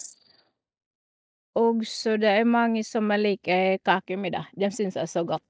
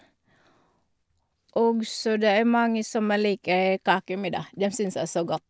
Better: second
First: noise reduction (neural mask model DeepFilterNet 3)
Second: none

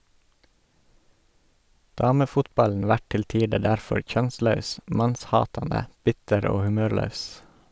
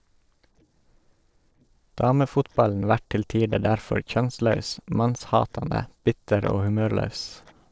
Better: first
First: none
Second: noise reduction (neural separator model SepFormer DNS4)

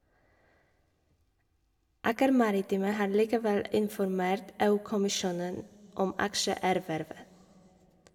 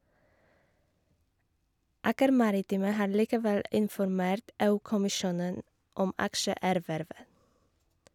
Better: second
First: room echo; dies away in 1.5 s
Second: none

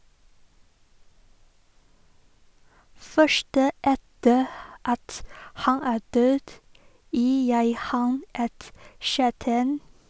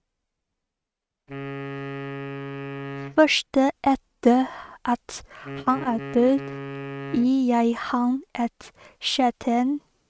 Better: first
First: none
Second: noise reduction (neural mask model RNNoise)

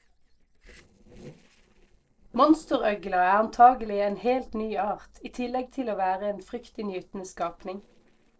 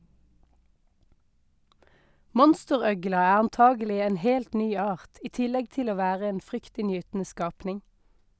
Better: second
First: noise reduction (neural separator model SepFormer DNS4)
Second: none

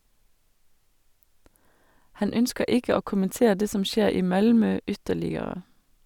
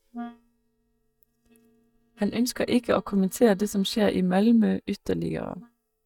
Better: first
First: none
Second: noise reduction (neural mask model DeepFilterNet 3)

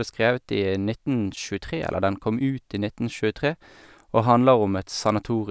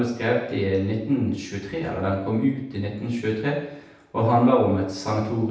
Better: first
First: none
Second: room echo; dies away in 0.8 s

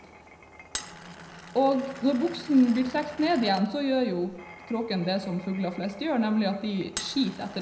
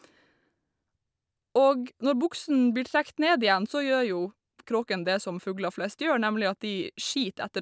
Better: second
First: background sound (Glass); 16 dB below the speech // room echo; dies away in 0.7 s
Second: none

